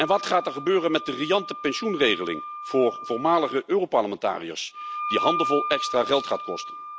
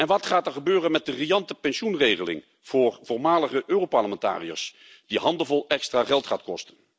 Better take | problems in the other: second | background sound (Wind instrument, woodwind instrument); 8 dB below the speech

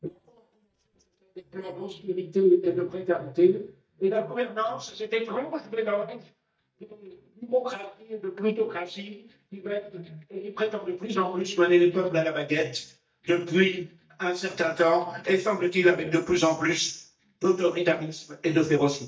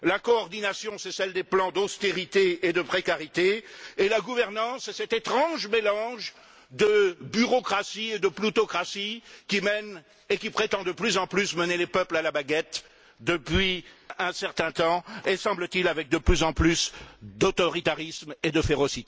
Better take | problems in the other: second | noise reduction (neural mask model DeepFilterNet 3)

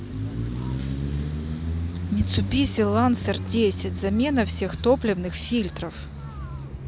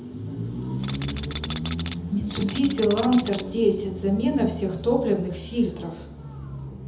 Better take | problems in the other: first | background sound (Tools); 12 dB below the speech // room echo; dies away in 0.8 s

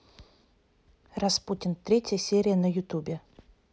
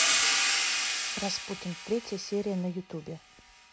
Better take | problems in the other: first | background sound (Hi-hat); 5 dB above the speech

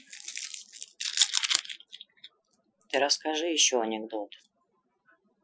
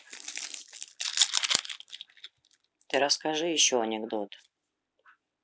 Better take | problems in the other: second | noise reduction (classical method Wiener filter)

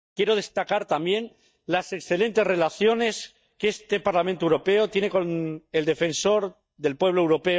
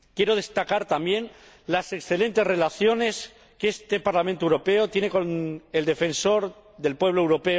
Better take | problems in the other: second | noise reduction (neural mask model DeepFilterNet 3)

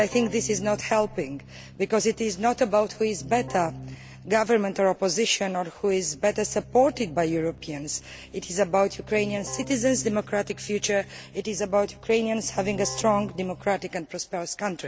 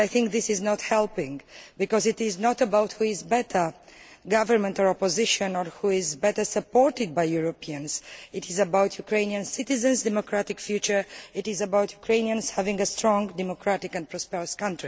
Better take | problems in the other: second | background sound (Keyboard (musical)); 17 dB below the speech

